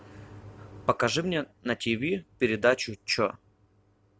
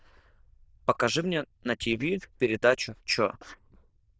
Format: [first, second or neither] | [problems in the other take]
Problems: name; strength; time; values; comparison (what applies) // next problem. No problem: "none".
first | noise reduction (neural diffusion model UNIVERSE++)